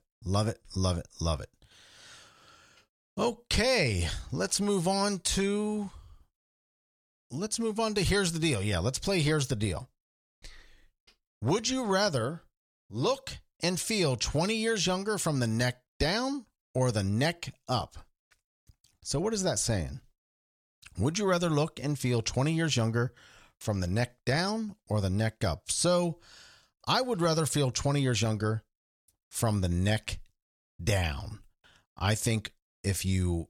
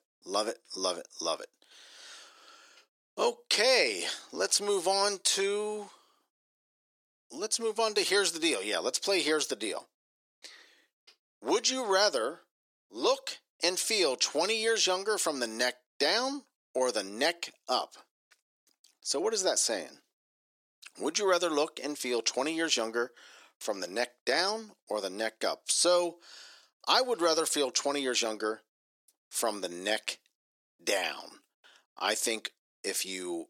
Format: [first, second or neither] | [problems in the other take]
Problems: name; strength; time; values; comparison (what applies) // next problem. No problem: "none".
first | thin; very; fading below 300 Hz